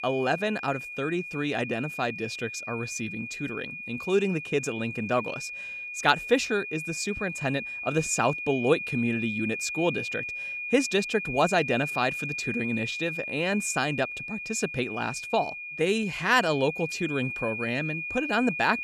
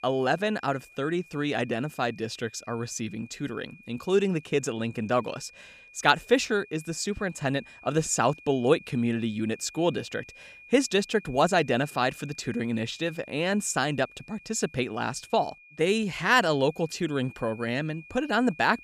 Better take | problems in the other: second | high-pitched whine; loud; throughout; 2.5 kHz, 5 dB below the speech; faint in the second

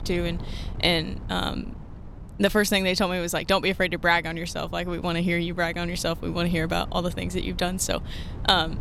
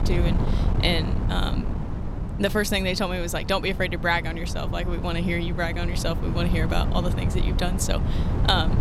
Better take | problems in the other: first | wind noise on the microphone; heavy; 10 dB below the speech; occasional gusts in the first

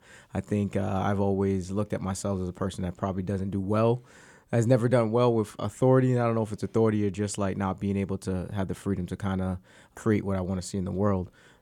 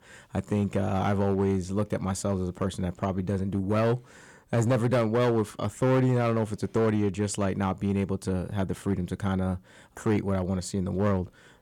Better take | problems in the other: first | distortion; slight; 6% of the sound clipped

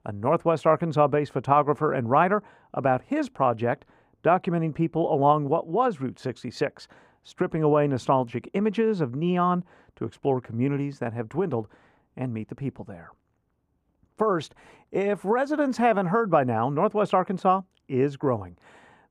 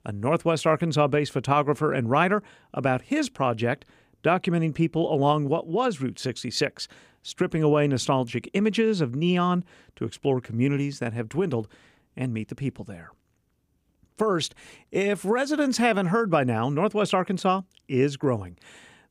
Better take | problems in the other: second | muffled; slightly; fading above 2.5 kHz

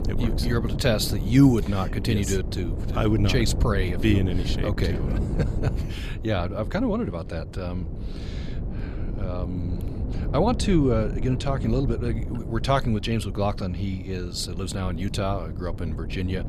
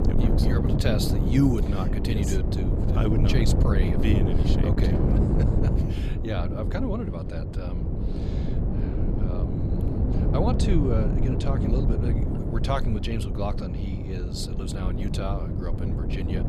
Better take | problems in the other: first | wind noise on the microphone; heavy; 1 dB below the speech; occasional gusts in the first

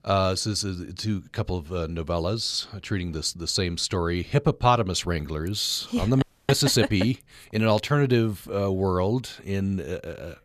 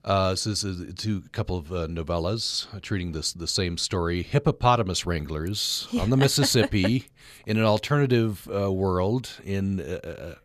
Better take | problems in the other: second | audio freezing; at 6 s

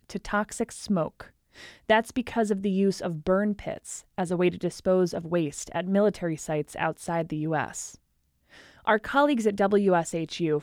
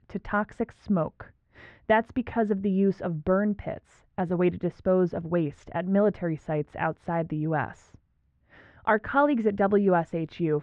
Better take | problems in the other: first | muffled; very; fading above 1.5 kHz

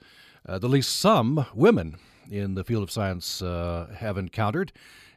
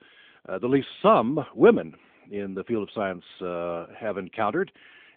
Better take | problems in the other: first | phone-call audio; nothing above 3.5 kHz

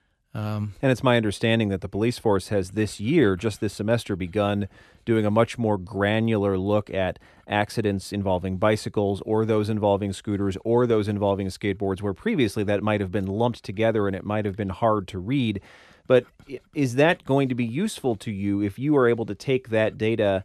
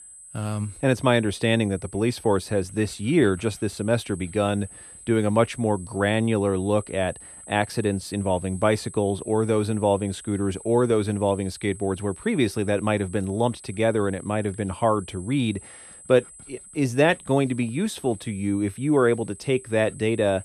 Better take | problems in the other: first | high-pitched whine; noticeable; throughout; 8 kHz, 20 dB below the speech

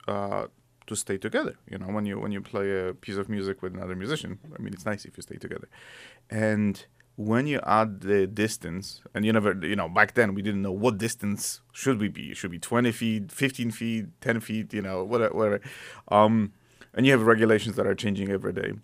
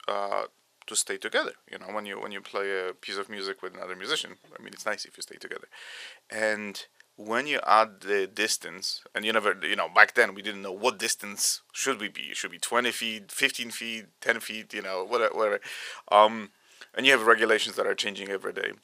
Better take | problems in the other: first | thin; very; fading below 550 Hz

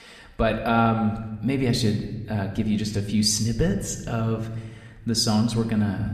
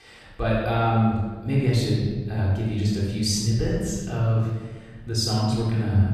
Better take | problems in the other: first | room echo; strong; dies away in 1.3 s; slight in the first // off-mic speech; far

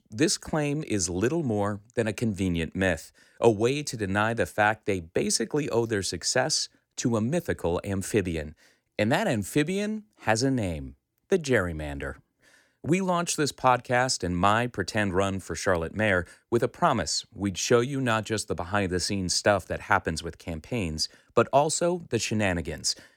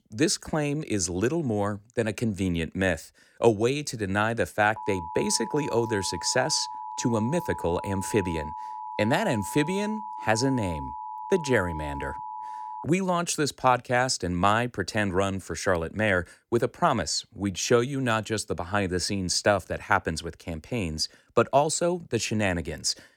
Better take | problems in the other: first | alarm; faint; from 5 to 13 s; peak 10 dB below the speech

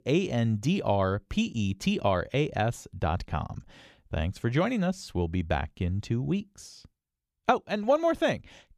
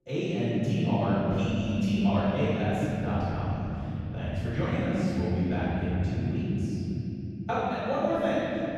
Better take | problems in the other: first | room echo; strong; dies away in 3 s // off-mic speech; far

